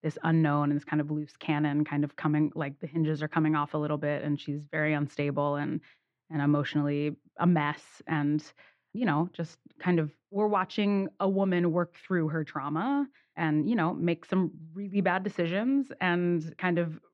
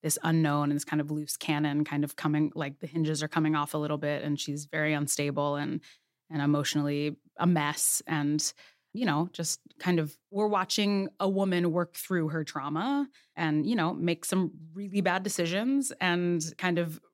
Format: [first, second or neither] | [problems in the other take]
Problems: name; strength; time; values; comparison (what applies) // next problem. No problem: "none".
second | muffled; very; fading above 2.5 kHz